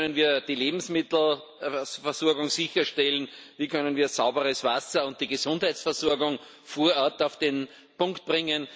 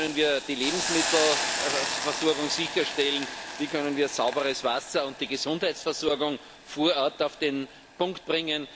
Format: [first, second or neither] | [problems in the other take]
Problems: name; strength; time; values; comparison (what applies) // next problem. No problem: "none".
first | background sound (Hiss); 6 dB below the speech